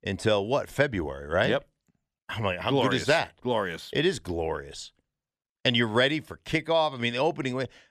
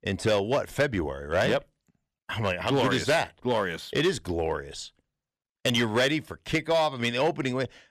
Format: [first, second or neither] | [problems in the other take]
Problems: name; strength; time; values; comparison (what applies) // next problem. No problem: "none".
first | distortion; slight; 5% of the sound clipped